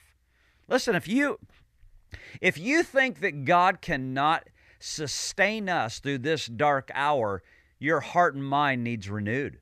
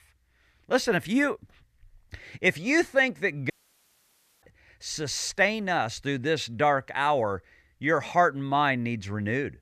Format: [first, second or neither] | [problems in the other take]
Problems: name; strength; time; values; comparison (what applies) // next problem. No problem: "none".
first | audio cutting out; at 3.5 s for 1 s